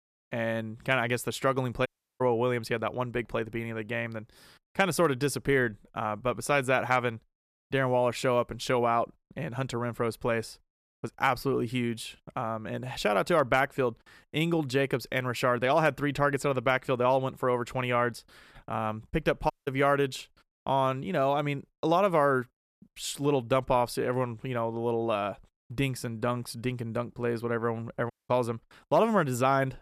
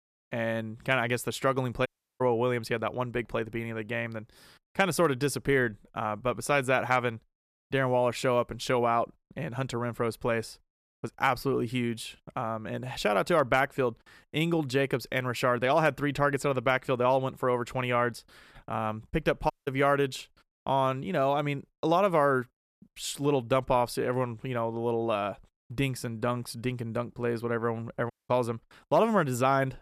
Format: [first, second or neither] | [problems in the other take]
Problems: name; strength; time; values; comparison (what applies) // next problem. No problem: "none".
neither | audio cutting out; at 2 s, at 20 s and at 28 s; the same in both